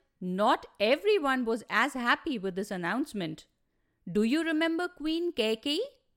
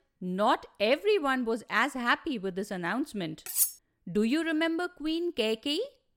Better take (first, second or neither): first